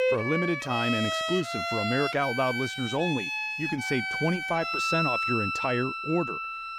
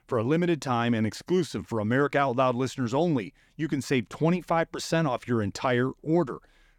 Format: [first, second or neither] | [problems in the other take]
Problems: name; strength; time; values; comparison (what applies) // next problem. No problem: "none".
second | background music; very loud; throughout; as loud as the speech